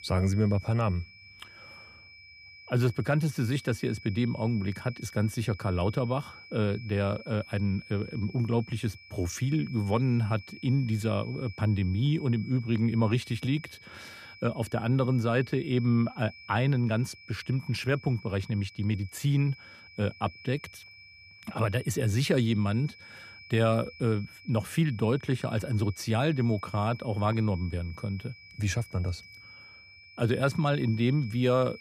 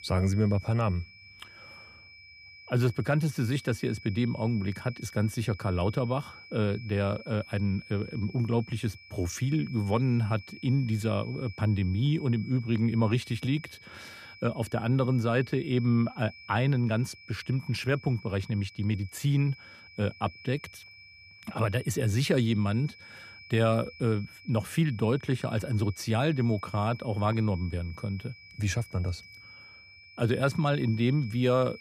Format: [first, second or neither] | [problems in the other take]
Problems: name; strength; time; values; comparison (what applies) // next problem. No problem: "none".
neither | high-pitched whine; noticeable; throughout; 2.5 kHz, 20 dB below the speech; the same in both